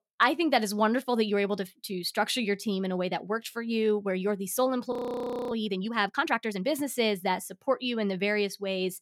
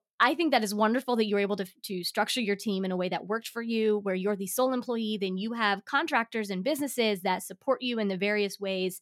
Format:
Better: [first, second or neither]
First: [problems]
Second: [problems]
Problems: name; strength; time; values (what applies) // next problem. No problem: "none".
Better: second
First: audio freezing; at 5 s for 0.5 s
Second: none